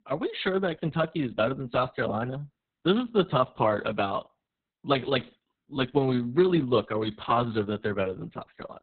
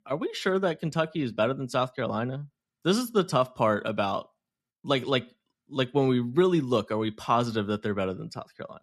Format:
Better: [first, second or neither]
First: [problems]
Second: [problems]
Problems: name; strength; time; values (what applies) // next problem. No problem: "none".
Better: second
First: garbled, watery; badly; nothing above 4 kHz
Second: none